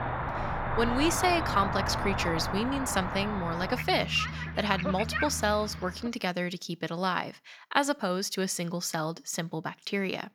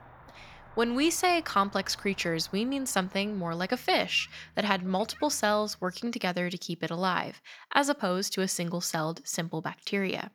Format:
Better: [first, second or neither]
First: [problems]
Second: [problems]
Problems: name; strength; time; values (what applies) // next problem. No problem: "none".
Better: second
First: animal sounds; loud; until 6 s; 3 dB below the speech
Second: animal sounds; faint; until 6 s; 25 dB below the speech